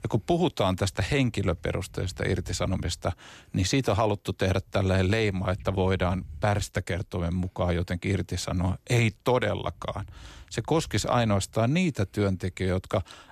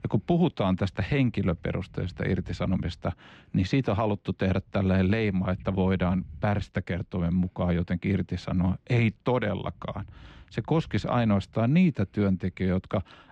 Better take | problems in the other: first | muffled; slightly; fading above 2.5 kHz

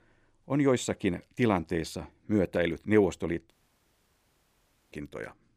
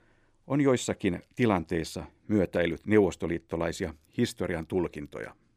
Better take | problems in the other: second | audio cutting out; at 3.5 s for 1.5 s

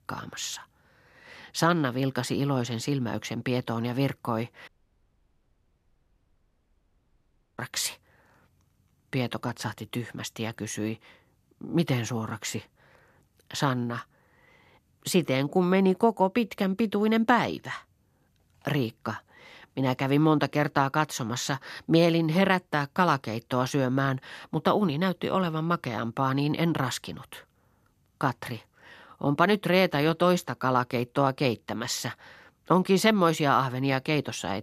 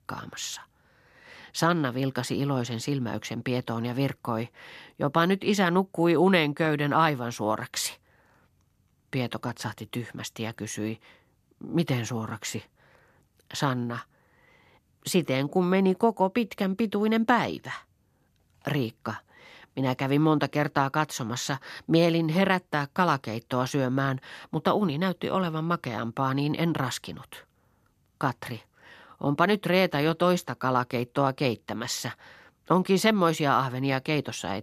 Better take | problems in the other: second | audio cutting out; at 4.5 s for 3 s

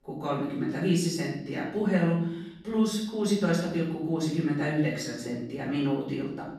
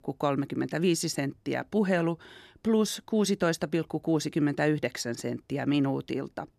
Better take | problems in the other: second | off-mic speech; far // room echo; noticeable; dies away in 0.7 s

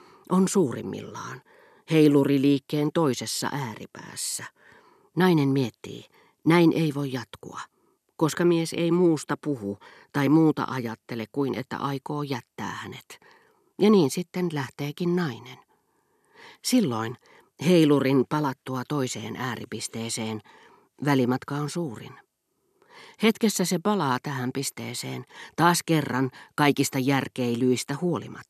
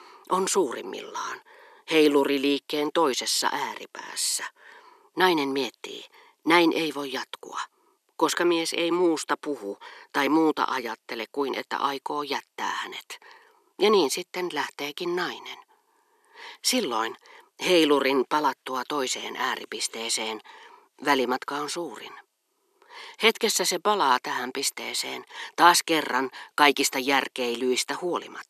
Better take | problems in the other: first | thin; somewhat; fading below 350 Hz

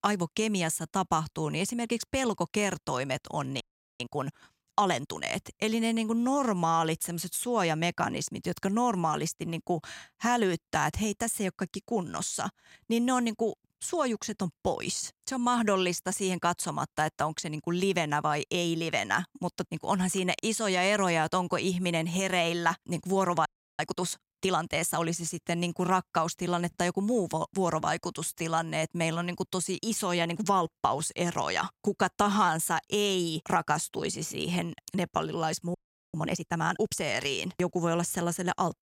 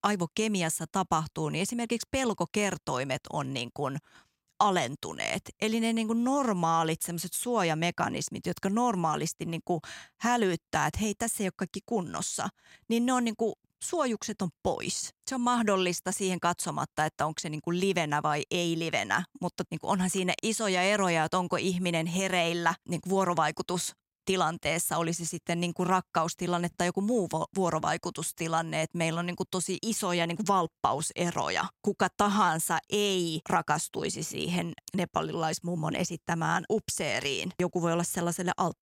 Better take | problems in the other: second | audio freezing; at 3.5 s, at 23 s and at 36 s

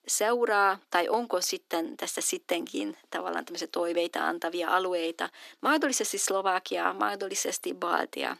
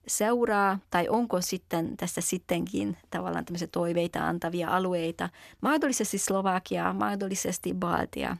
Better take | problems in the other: second | thin; somewhat; fading below 300 Hz

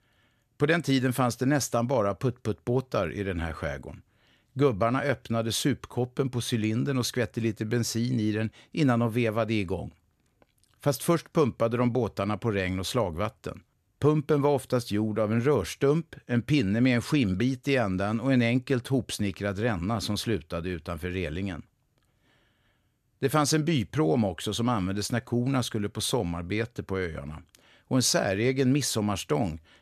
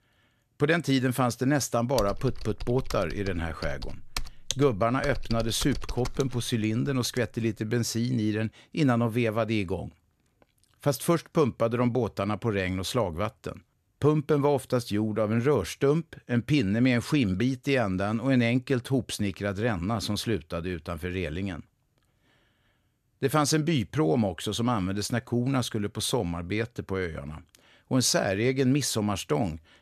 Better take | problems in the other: first | keyboard typing; noticeable; from 2 to 7 s; peak 7 dB below the speech

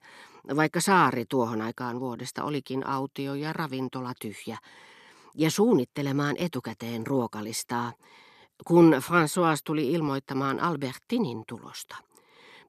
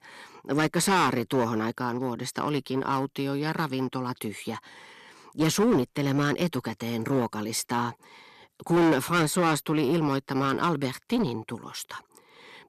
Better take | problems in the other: first | distortion; heavy; 8% of the sound clipped

